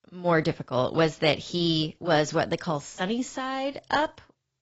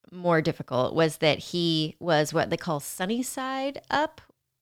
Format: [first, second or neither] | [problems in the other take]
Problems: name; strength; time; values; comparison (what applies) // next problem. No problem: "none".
second | garbled, watery; badly; nothing above 7.5 kHz